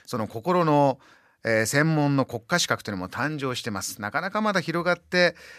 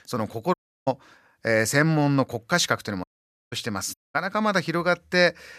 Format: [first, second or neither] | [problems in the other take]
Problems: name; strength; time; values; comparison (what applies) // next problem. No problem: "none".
first | audio cutting out; at 0.5 s, at 3 s and at 4 s